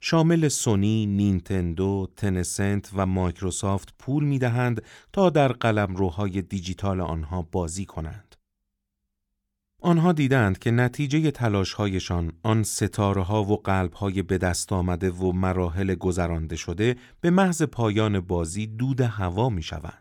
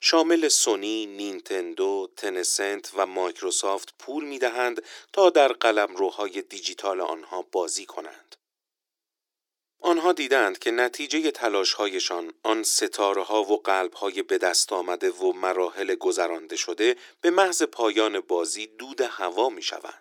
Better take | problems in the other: first | thin; very; fading below 350 Hz

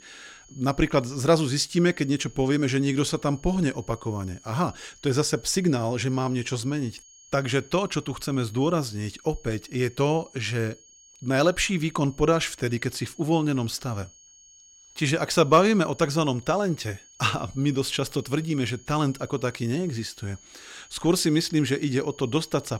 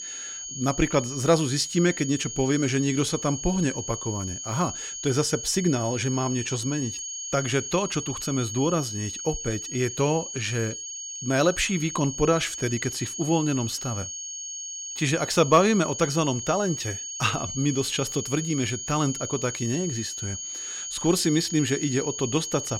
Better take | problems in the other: first | high-pitched whine; loud; throughout; 6.5 kHz, 6 dB below the speech; faint in the first

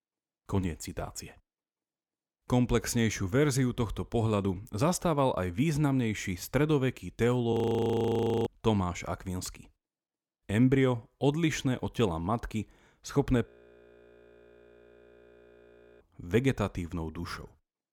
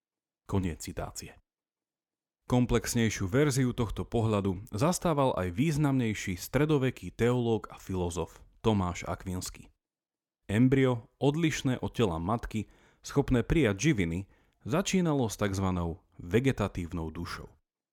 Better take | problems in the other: second | audio freezing; at 7.5 s for 1 s and at 13 s for 2.5 s

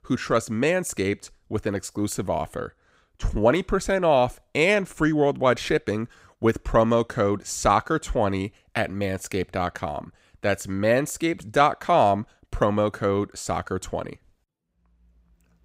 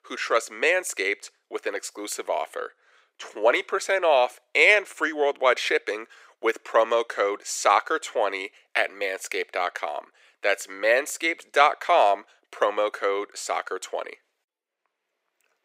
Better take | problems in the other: first | thin; very; fading below 400 Hz

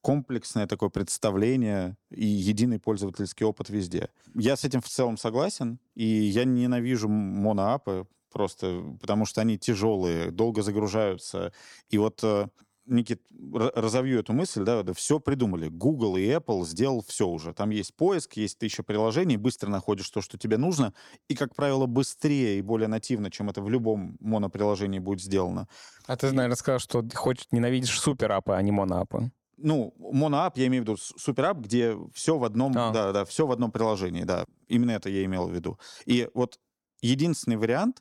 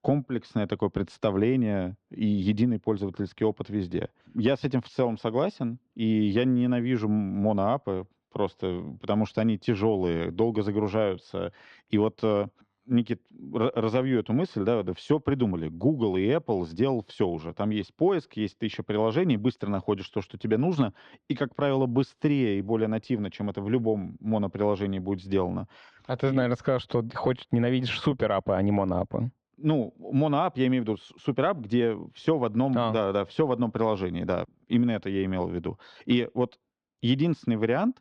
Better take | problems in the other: first | muffled; slightly; fading above 3.5 kHz

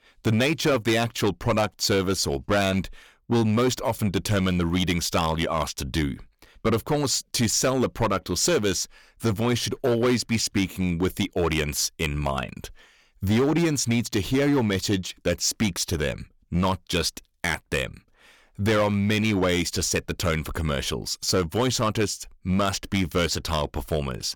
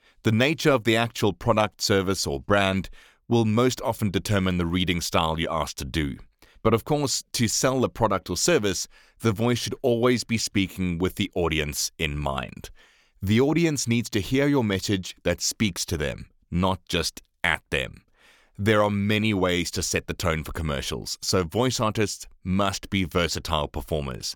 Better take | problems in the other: second | distortion; slight; 7% of the sound clipped

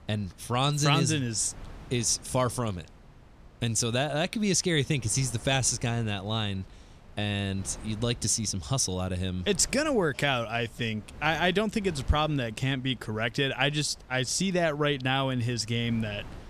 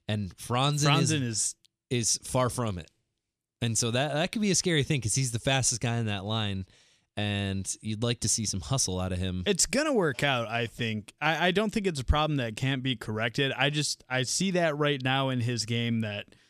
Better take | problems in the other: second | wind noise on the microphone; occasional gusts; 25 dB below the speech

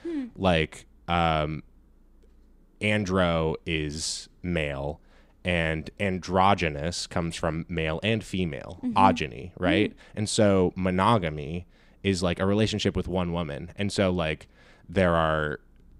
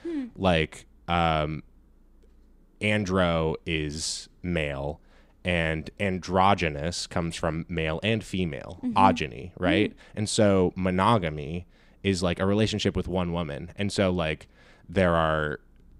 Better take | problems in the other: neither | none

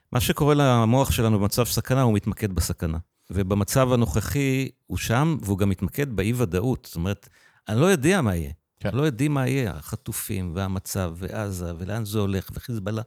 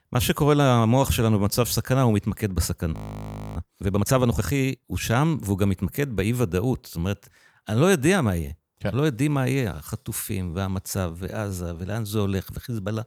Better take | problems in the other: first | audio freezing; at 3 s for 0.5 s

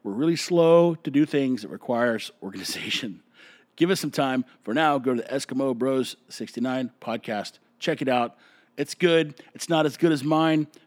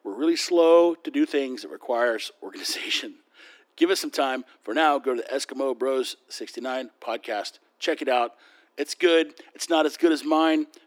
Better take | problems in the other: first | thin; somewhat; fading below 300 Hz

